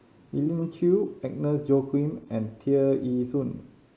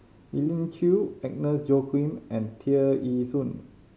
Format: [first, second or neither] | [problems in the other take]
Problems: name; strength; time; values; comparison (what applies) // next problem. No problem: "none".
second | noise reduction (neural mask model Resemble Enhance denoiser)